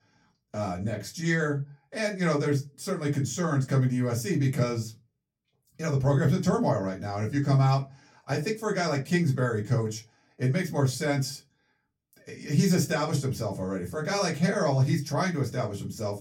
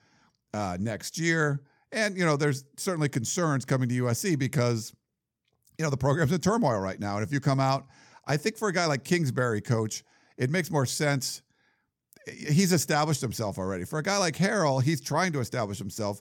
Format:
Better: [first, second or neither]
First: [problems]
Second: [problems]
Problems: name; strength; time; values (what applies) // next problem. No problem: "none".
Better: second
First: off-mic speech; far // room echo; very slight; dies away in 0.2 s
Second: none